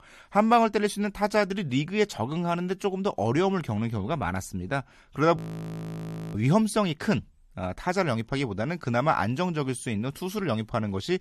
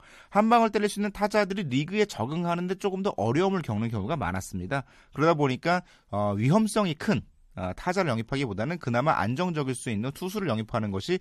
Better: second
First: audio freezing; at 5.5 s for 1 s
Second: none

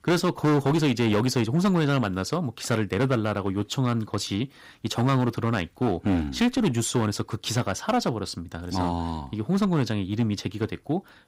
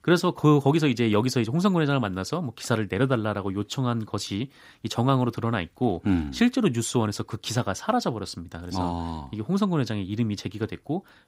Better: second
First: distortion; slight; 10% of the sound clipped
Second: none

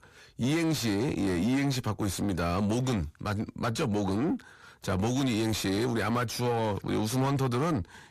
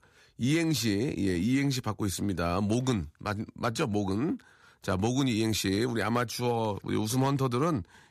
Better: second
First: distortion; slight; 10 dB below the speech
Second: none

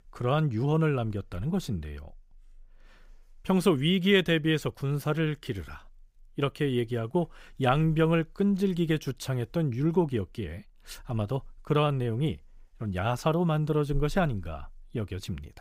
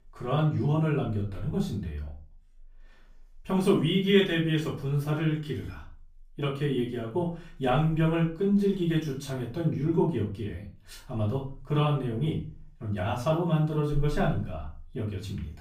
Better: first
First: none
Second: off-mic speech; far // room echo; slight; dies away in 0.3 s

